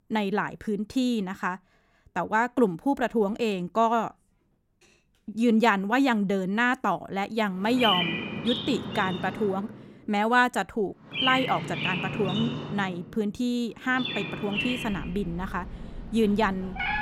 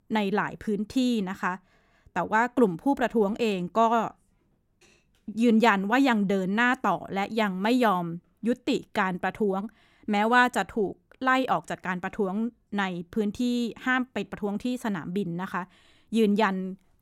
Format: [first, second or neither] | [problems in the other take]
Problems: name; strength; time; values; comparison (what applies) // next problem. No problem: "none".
second | animal sounds; loud; from 6 s on; 4 dB below the speech